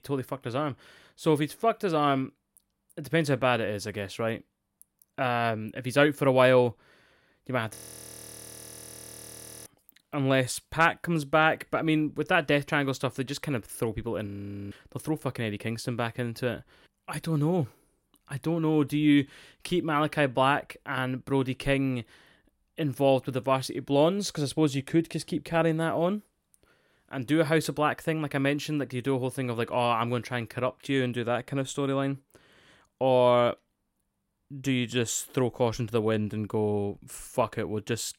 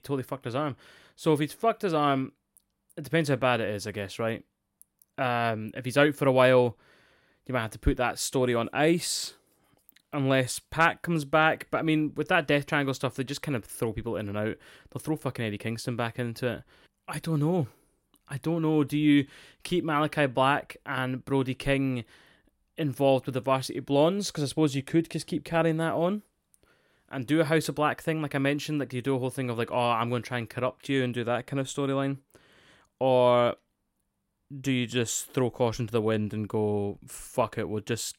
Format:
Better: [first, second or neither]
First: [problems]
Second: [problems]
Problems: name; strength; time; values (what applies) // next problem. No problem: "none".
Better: second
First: audio freezing; at 8 s for 2 s and at 14 s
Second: none